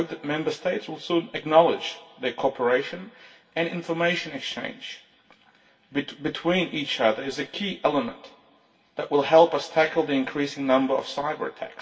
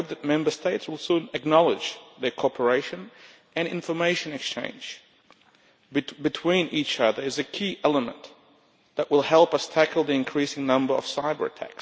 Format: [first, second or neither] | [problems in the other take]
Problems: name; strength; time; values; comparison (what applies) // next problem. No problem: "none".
second | room echo; dies away in 0.2 s